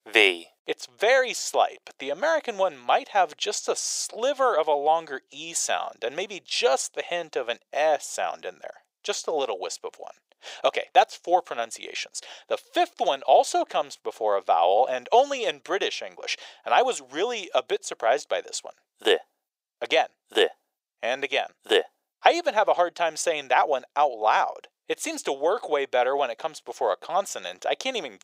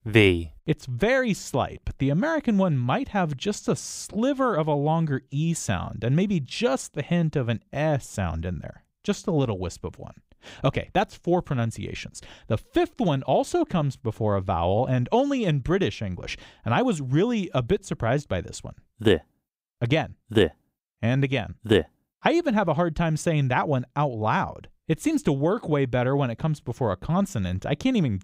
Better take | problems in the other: second | thin; very; fading below 450 Hz

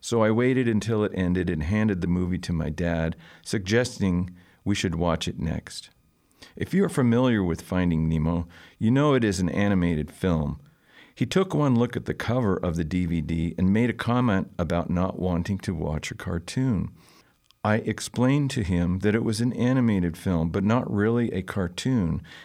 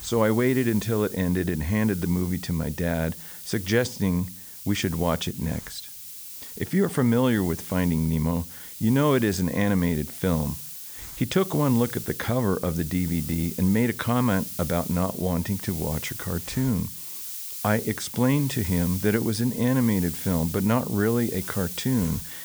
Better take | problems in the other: first | hiss; loud; throughout; 10 dB below the speech

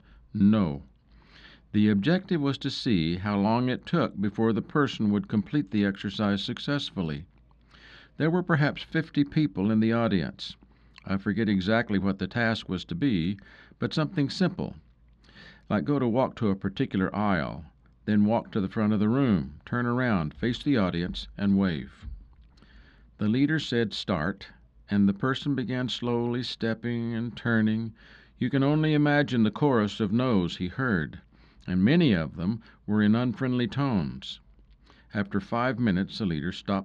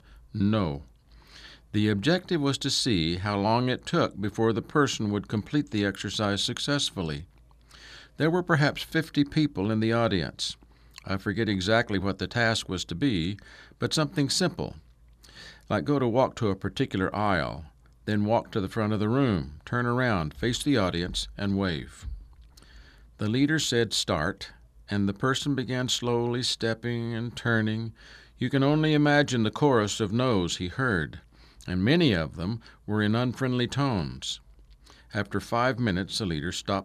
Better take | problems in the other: second | muffled; very slightly; fading above 3 kHz

